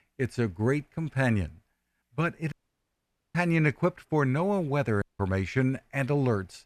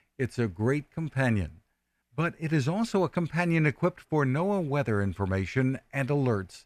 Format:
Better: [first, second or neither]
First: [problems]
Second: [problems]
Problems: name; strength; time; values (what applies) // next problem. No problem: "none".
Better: second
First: audio cutting out; at 2.5 s for 1 s and at 5 s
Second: none